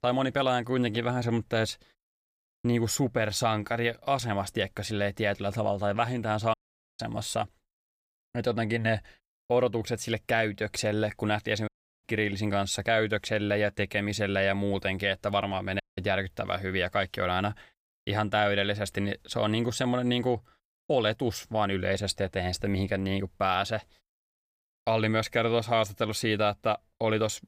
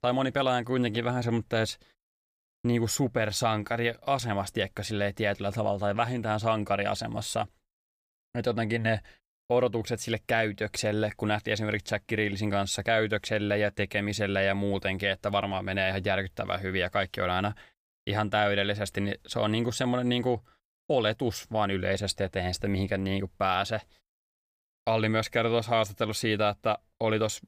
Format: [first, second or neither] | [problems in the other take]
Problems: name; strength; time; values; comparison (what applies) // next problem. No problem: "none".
second | audio cutting out; at 6.5 s, at 12 s and at 16 s